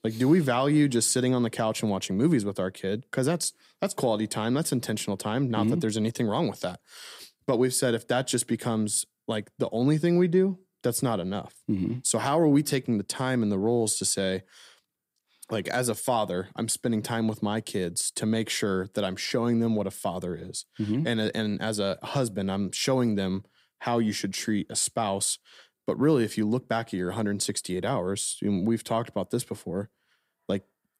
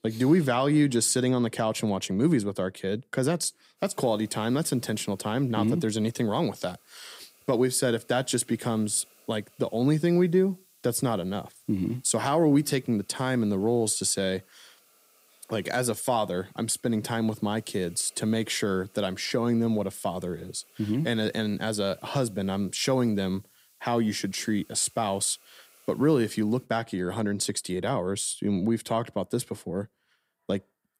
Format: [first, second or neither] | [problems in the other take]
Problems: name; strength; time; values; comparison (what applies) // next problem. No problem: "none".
first | hiss; faint; from 4 to 27 s; 30 dB below the speech